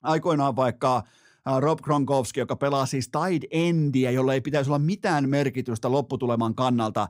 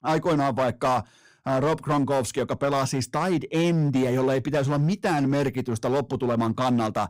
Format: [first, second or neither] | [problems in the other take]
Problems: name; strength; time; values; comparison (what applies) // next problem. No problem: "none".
first | distortion; slight; 10% of the sound clipped